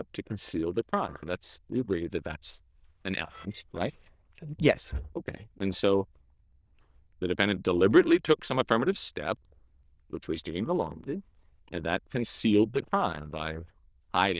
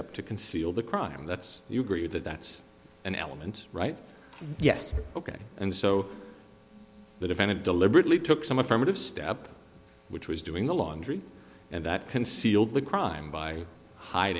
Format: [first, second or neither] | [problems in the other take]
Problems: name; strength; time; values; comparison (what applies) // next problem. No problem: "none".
second | noise reduction (neural diffusion model UNIVERSE++)